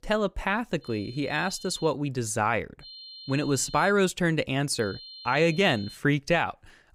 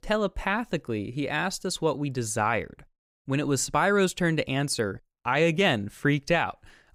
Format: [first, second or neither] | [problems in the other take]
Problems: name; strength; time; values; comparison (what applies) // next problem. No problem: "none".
second | high-pitched whine; noticeable; from 1 to 2 s, from 3 to 4 s and from 5 to 6 s; 4 kHz, 15 dB below the speech